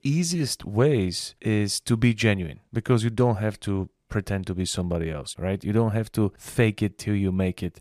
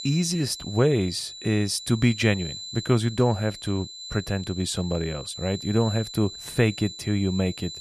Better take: first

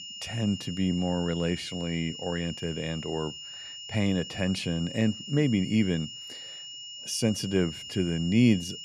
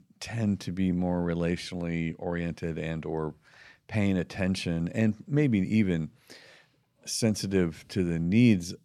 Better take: second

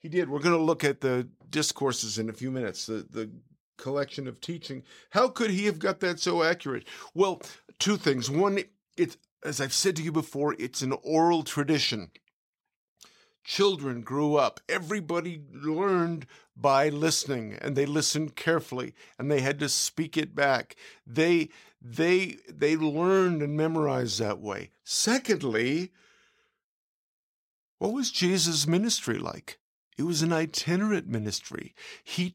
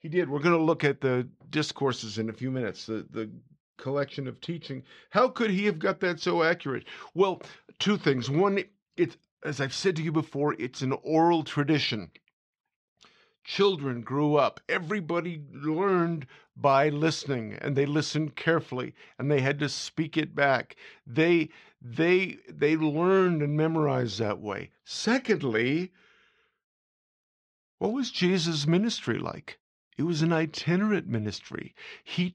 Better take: first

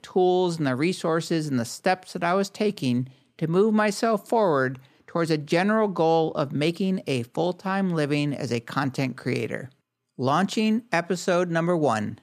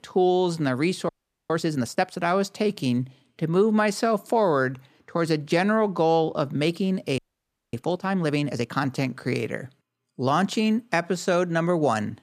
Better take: first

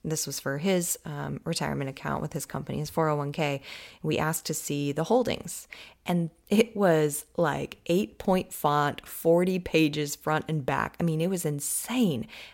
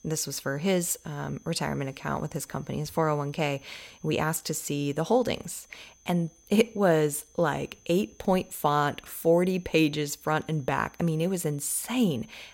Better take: first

